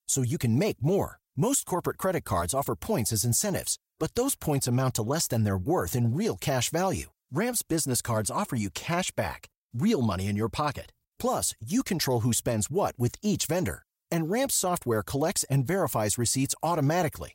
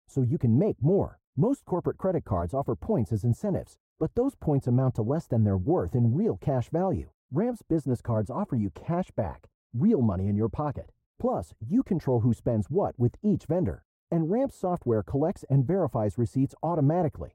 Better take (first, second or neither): first